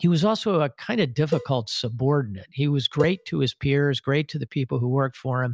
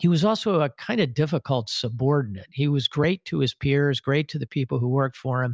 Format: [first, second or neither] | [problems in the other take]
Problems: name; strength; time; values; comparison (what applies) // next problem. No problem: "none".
second | background sound (Cowbell); 12 dB below the speech